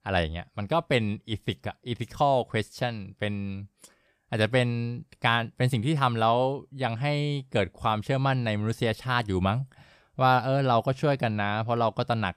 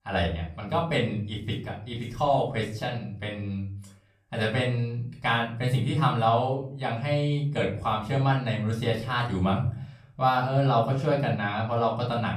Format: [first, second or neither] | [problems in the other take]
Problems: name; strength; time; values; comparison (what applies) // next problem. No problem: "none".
first | room echo; slight; dies away in 0.5 s // off-mic speech; far